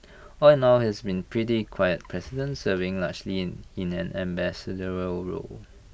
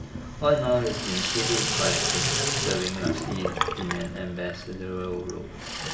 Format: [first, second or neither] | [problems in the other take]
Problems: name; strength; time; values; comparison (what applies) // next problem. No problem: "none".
first | background sound (Sink (filling or washing) / Water tap, faucet); as loud as the speech // room echo; dies away in 0.8 s